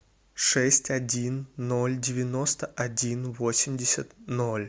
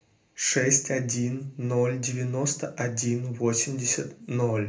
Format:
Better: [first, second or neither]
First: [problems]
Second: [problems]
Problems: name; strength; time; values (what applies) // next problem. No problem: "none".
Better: first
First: none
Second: room echo; dies away in 0.3 s